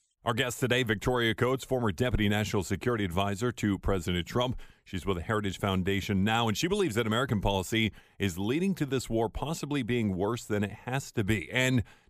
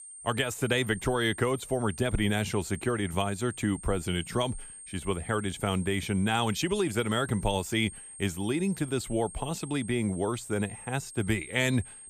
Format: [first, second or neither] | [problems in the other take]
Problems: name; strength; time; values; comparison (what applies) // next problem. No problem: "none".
first | high-pitched whine; noticeable; throughout; 8.5 kHz, 15 dB below the speech